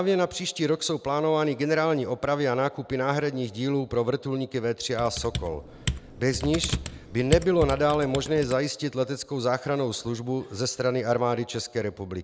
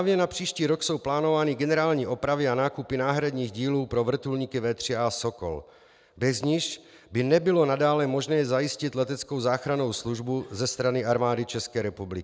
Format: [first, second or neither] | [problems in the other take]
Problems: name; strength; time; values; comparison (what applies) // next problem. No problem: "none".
second | background sound (Computer keyboard); 7 dB below the speech